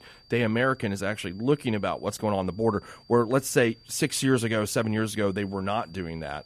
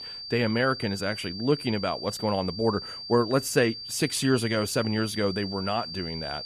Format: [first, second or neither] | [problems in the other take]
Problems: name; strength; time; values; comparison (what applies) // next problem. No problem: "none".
first | high-pitched whine; loud; throughout; 4.5 kHz, 9 dB below the speech; faint in the first